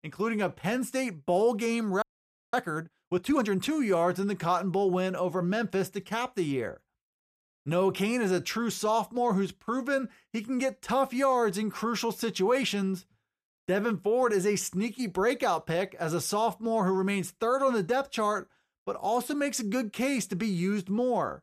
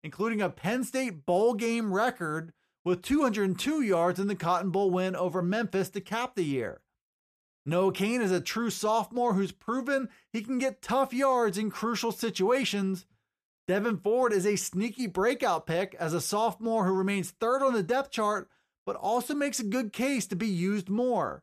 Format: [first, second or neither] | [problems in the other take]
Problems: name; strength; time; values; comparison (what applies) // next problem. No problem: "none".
second | audio freezing; at 2 s for 0.5 s